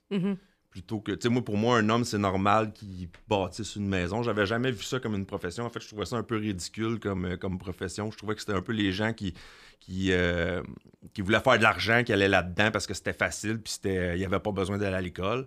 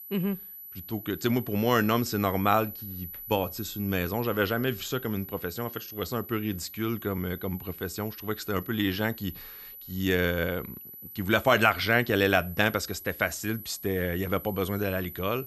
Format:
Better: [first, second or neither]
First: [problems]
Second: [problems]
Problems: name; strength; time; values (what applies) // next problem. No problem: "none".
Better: first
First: none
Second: high-pitched whine; noticeable; throughout; 12 kHz, 10 dB below the speech